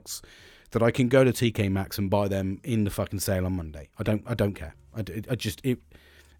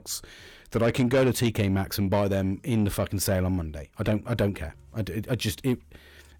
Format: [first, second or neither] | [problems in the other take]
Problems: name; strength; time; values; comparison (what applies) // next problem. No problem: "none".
first | distortion; slight; 10 dB below the speech